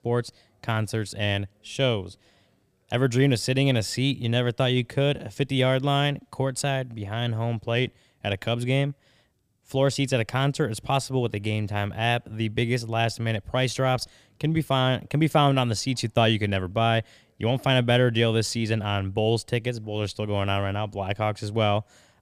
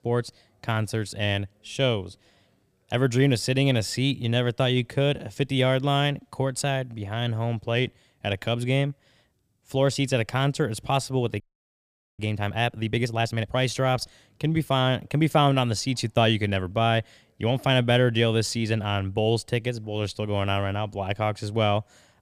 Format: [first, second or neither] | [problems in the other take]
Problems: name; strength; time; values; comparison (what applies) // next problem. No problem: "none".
first | audio freezing; at 11 s for 1 s